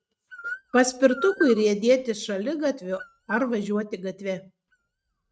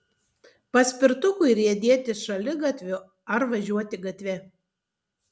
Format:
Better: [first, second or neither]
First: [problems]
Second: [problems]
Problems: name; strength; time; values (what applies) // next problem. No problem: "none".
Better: second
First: noise reduction (neural mask model RNNoise)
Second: none